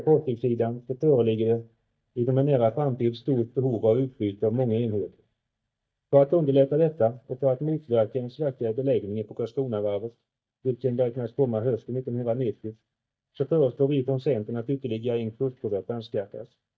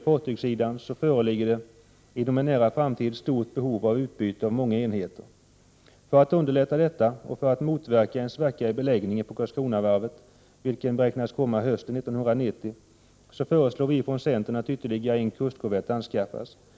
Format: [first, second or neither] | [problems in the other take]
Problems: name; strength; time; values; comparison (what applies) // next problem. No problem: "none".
second | noise reduction (neural mask model DeepFilterNet 3)